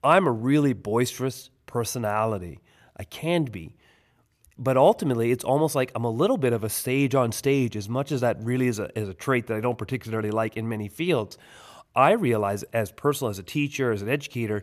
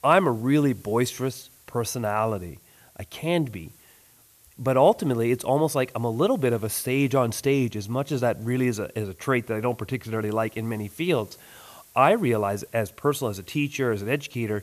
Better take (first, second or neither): first